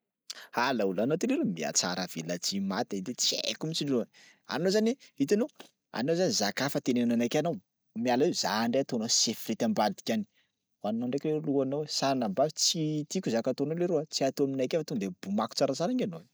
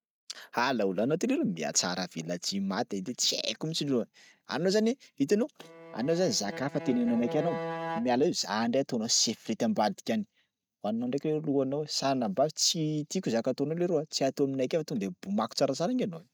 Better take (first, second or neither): first